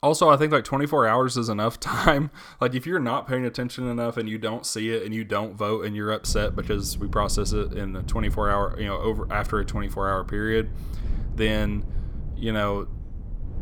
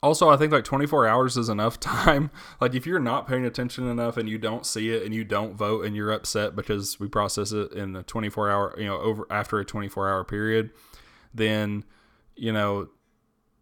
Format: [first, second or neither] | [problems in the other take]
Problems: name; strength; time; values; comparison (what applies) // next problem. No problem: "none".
second | low rumble; faint; from 6.5 s on; 25 dB below the speech